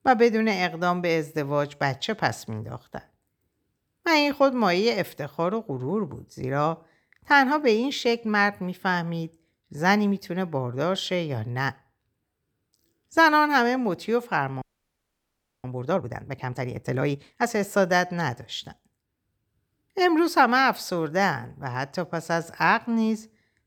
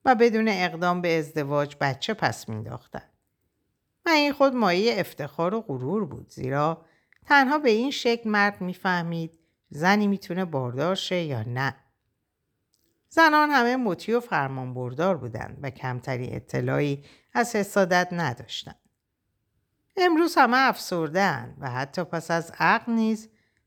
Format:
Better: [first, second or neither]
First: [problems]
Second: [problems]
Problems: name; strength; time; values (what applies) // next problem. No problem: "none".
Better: second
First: audio freezing; at 15 s for 1 s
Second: none